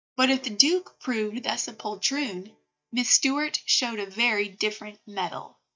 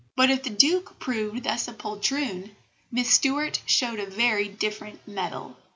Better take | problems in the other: second | noise reduction (neural mask model DeepFilterNet 3)

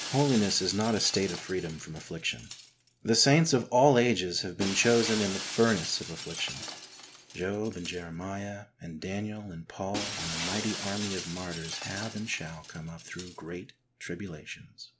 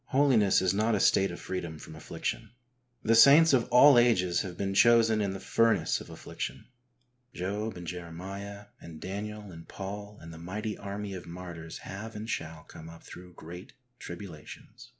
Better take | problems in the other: second | background sound (Shatter); 10 dB below the speech

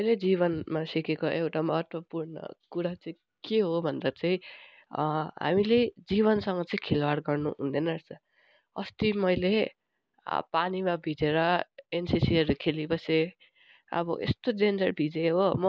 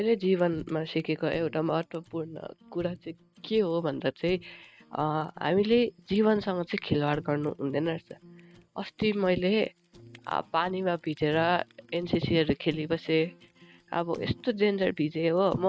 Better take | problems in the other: first | noise reduction (neural mask model RNNoise)

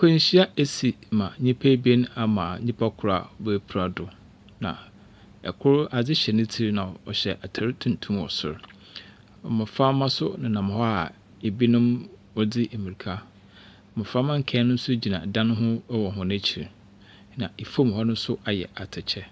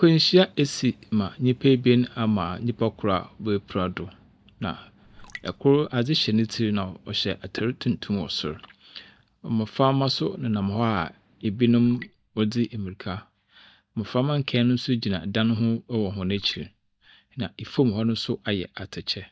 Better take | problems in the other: first | noise reduction (neural mask model DeepFilterNet 3)

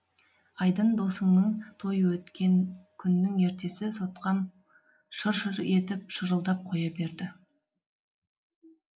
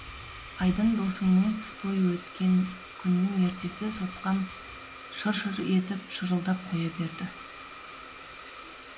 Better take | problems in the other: first | background sound (Domestic sounds, home sounds); 14 dB below the speech

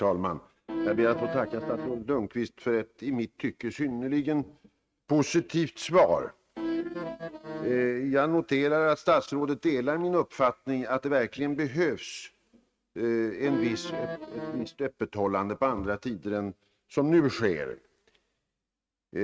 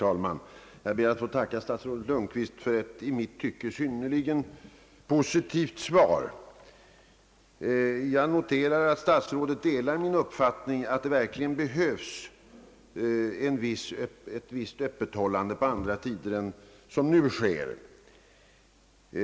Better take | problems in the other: second | noise reduction (neural mask model RNNoise)

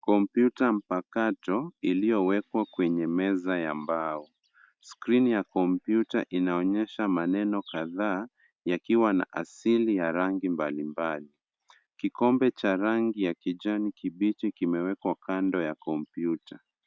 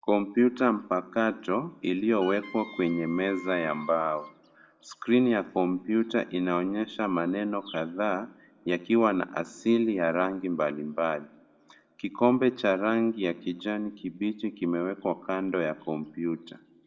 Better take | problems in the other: first | background sound (Wind instrument, woodwind instrument); 17 dB below the speech // room echo; dies away in 1.1 s

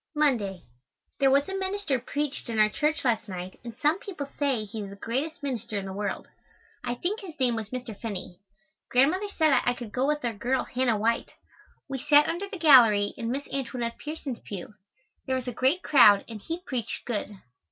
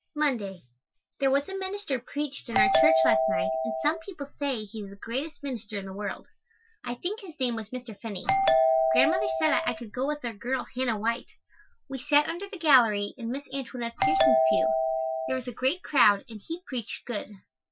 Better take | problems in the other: first | noise reduction (classical method Wiener filter)

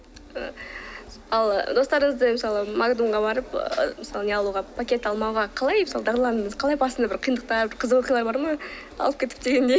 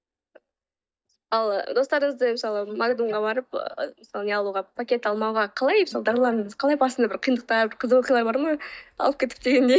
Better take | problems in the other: first | noise reduction (neural mask model DeepFilterNet 3)

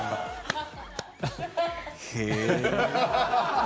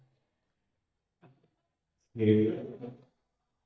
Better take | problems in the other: first | noise reduction (neural mask model DeepFilterNet 3)

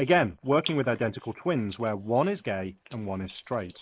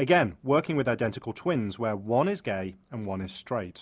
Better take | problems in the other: second | noise reduction (neural mask model Resemble Enhance denoiser)

